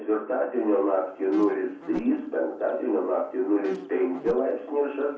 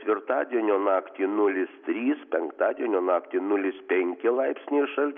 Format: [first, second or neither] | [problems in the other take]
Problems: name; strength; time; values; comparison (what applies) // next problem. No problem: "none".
second | background sound (Insect); 20 dB below the speech // room echo; dies away in 0.5 s